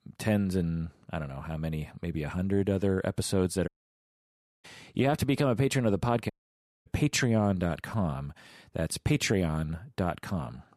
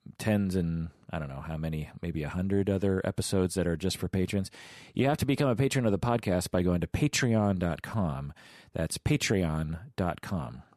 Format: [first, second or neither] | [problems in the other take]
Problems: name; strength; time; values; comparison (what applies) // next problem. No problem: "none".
second | audio cutting out; at 3.5 s for 1 s and at 6.5 s for 0.5 s